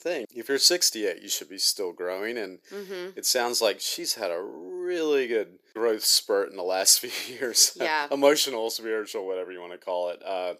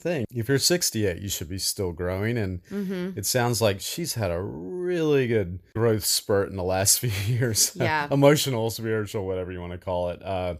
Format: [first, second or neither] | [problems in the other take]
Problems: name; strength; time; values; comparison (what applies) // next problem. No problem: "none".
second | thin; somewhat; fading below 300 Hz